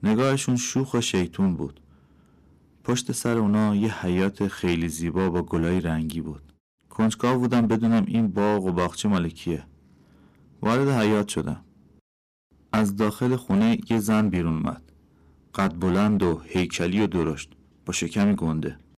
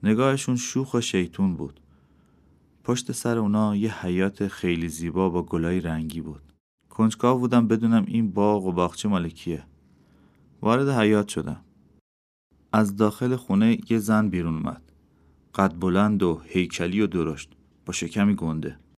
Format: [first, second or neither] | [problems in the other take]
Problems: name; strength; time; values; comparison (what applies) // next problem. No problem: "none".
second | distortion; slight; 10% of the sound clipped